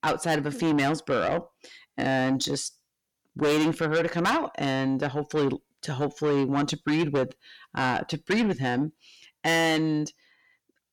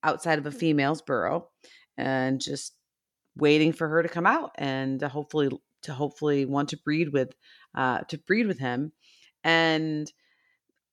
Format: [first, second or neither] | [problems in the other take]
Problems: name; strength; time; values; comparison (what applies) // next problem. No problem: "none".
second | distortion; heavy; 7 dB below the speech